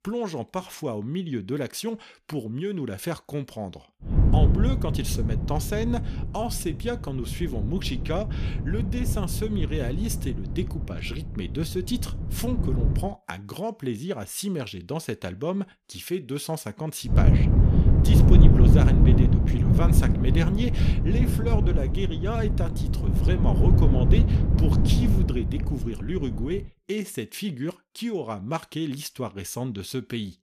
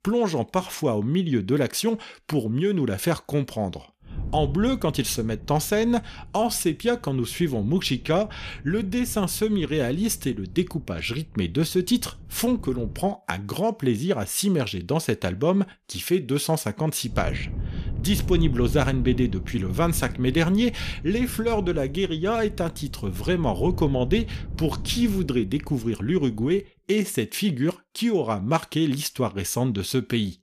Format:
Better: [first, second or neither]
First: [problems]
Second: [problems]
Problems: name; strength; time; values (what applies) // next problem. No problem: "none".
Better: second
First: wind noise on the microphone; heavy; from 4 to 13 s and from 17 to 27 s; 1 dB below the speech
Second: wind noise on the microphone; occasional gusts; from 4 to 13 s and from 17 to 27 s; 20 dB below the speech